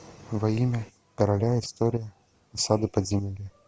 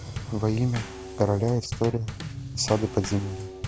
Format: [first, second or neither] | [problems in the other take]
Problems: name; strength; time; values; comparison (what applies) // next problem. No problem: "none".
first | background sound (Bass drum / Snare drum / Drum kit); 9 dB below the speech